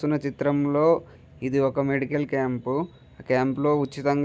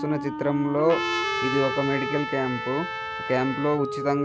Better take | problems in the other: first | background sound (Wind instrument, woodwind instrument + Trumpet); 4 dB below the speech

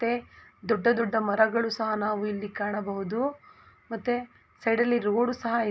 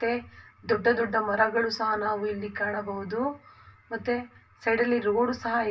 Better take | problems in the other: first | room echo; dies away in 0.2 s

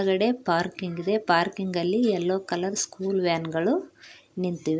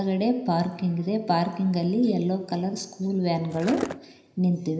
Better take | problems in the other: first | background sound (Skateboard); 7 dB below the speech // room echo; dies away in 0.9 s

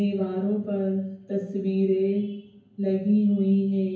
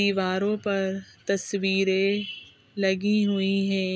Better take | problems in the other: second | room echo; dies away in 0.9 s

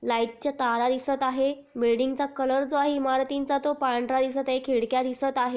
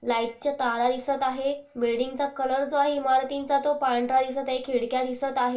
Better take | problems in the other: first | room echo; dies away in 0.2 s

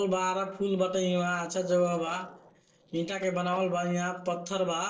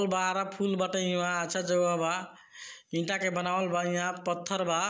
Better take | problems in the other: second | noise reduction (neural separator model SepFormer DNS4)

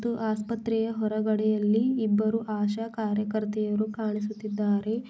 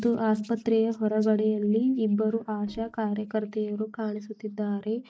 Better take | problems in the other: first | noise reduction (neural mask model DeepFilterNet 3)

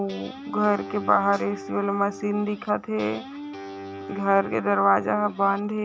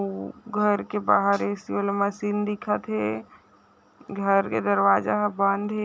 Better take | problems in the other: second | background sound (Guitar); 13 dB below the speech

